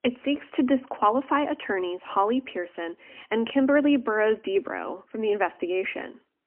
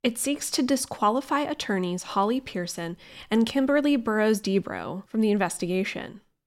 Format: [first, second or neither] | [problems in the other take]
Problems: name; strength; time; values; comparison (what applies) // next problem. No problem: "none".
second | phone-call audio; poor line; nothing above 3 kHz